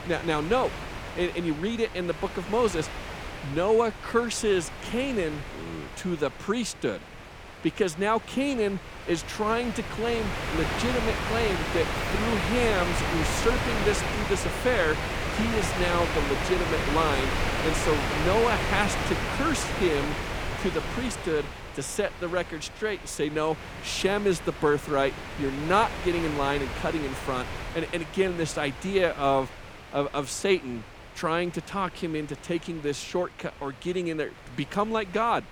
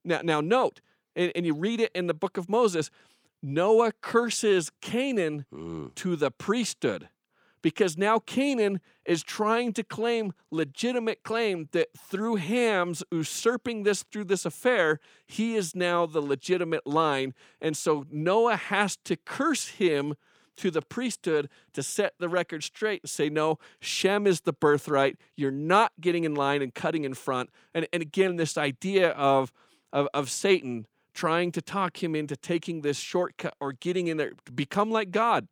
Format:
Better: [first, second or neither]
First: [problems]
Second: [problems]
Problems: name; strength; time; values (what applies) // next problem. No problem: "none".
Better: second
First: wind noise on the microphone; heavy; 3 dB below the speech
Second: none